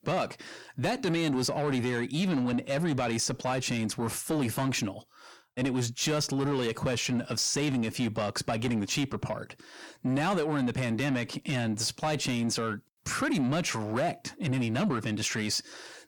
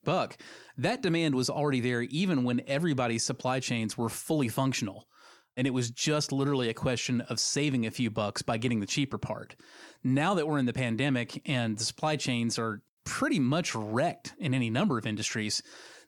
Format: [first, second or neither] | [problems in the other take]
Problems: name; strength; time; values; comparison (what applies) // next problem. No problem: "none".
second | distortion; slight; 10 dB below the speech